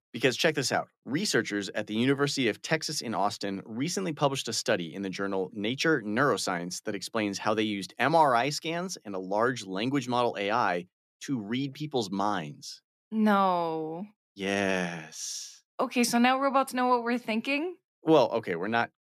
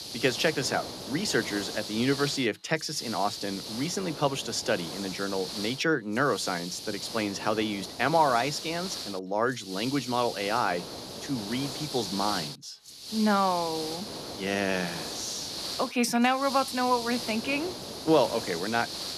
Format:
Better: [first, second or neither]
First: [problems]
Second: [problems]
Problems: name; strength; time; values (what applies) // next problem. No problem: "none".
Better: first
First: none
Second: hiss; loud; throughout; 7 dB below the speech